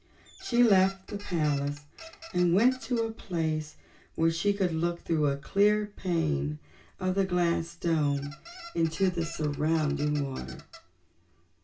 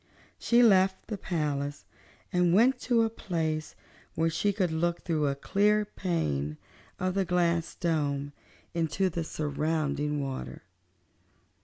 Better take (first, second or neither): second